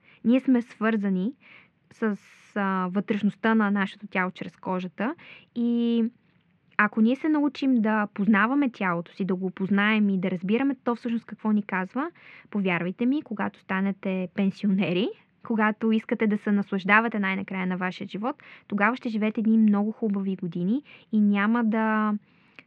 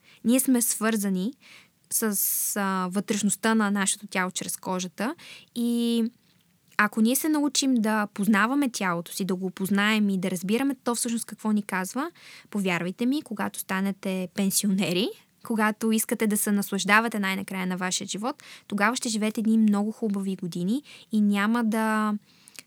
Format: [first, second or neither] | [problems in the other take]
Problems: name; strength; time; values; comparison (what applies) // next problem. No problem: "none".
second | muffled; very; fading above 2.5 kHz